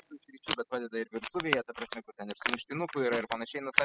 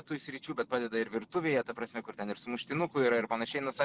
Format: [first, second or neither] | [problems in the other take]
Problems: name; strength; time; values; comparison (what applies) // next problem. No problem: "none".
second | noise reduction (classical method spectral subtraction)